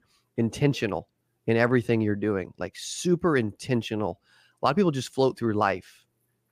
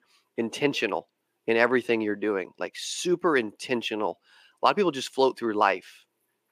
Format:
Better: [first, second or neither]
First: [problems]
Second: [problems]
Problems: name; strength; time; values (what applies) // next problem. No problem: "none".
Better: first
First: none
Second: thin; somewhat; fading below 350 Hz